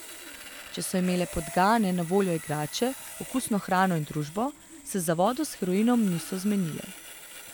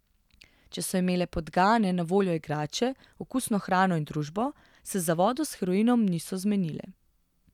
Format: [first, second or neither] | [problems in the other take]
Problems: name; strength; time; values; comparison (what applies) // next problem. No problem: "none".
second | background sound (Sawing); 16 dB below the speech